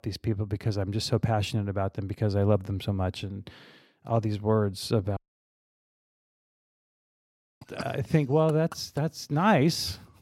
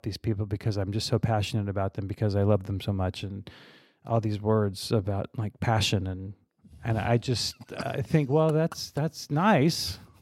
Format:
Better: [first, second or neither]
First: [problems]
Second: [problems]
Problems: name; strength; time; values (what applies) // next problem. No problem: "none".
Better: second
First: audio cutting out; at 5 s for 2.5 s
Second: none